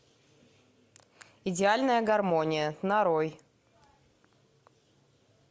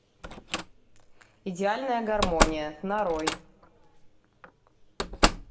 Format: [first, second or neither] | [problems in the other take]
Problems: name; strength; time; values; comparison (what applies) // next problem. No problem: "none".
first | background sound (Slam); 1 dB above the speech // room echo; dies away in 1 s